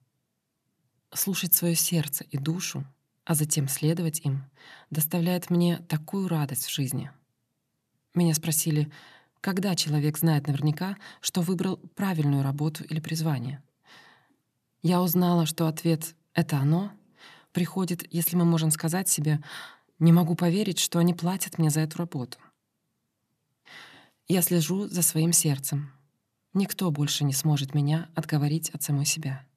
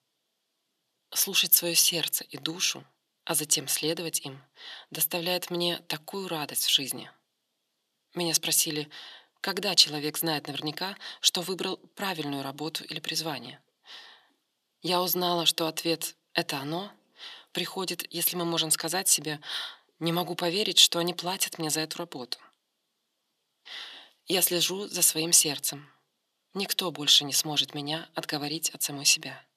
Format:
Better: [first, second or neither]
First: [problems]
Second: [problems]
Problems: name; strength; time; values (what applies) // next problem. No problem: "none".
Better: first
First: none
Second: thin; very; fading below 450 Hz